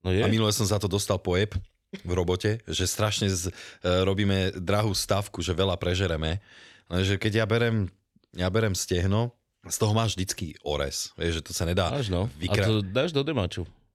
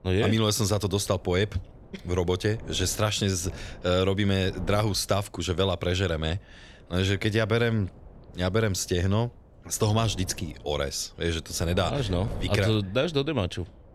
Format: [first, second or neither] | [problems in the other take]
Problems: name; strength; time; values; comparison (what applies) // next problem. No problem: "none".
first | wind noise on the microphone; occasional gusts; 20 dB below the speech